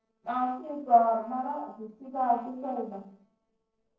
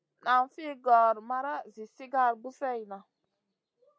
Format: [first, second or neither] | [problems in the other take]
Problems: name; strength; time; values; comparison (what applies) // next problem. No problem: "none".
second | noise reduction (neural separator model SepFormer DNS4)